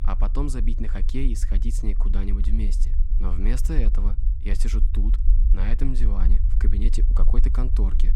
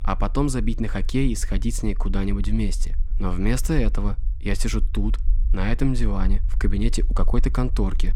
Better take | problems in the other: second | low rumble; loud; throughout; 9 dB below the speech; faint in the second

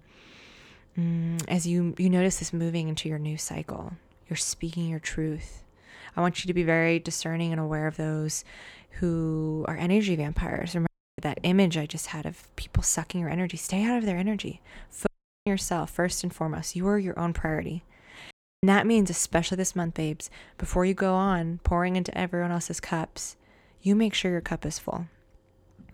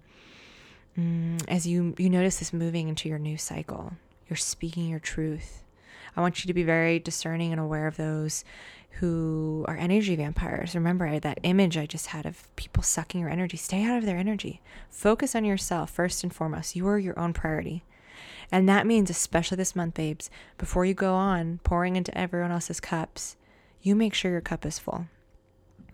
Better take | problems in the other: second | audio cutting out; at 11 s, at 15 s and at 18 s

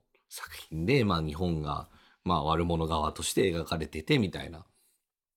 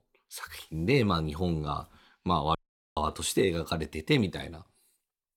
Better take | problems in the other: first | audio cutting out; at 2.5 s

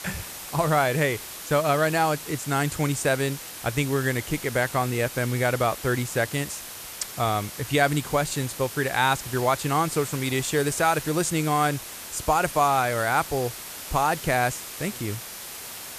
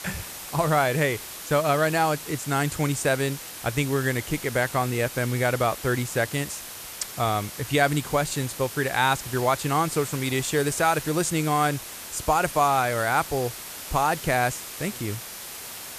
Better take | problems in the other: neither | hiss; noticeable; throughout; 10 dB below the speech; the same in both

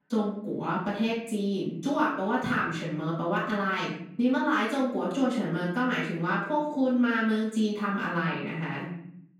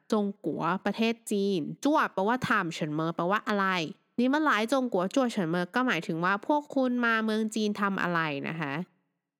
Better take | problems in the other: second | off-mic speech; far // room echo; noticeable; dies away in 0.8 s

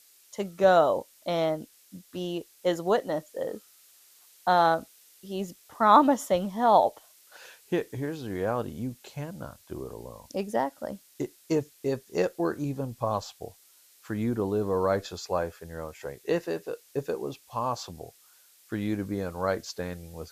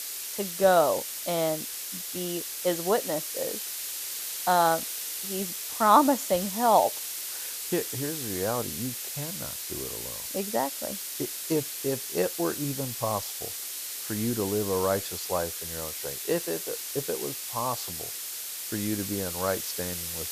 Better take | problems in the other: first | hiss; loud; throughout; 4 dB below the speech; faint in the first

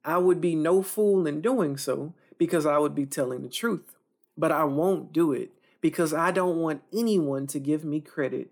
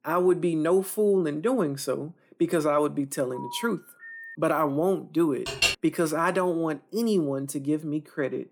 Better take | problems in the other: first | phone ringing; faint; from 3.5 to 4.5 s; peak 15 dB below the speech // clattering dishes; loud; at 5.5 s; peak 3 dB above the speech

